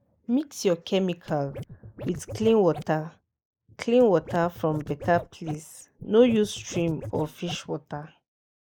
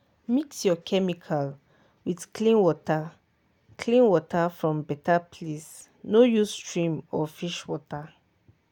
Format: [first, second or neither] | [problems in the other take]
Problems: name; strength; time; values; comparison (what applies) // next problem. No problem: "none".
second | noise reduction (neural mask model Resemble Enhance denoiser)